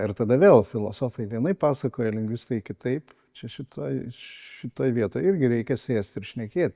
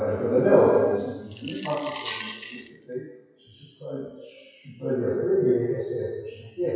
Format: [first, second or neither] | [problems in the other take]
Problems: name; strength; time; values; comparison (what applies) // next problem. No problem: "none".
first | noise reduction (classical method WPE with log-MMSE)